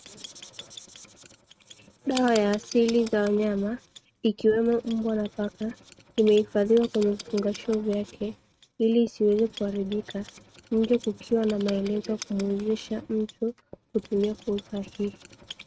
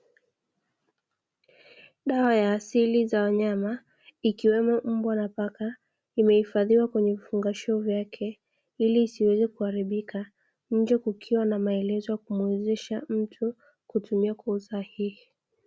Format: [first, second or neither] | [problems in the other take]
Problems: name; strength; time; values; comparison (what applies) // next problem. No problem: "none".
second | noise reduction (neural mask model RNNoise)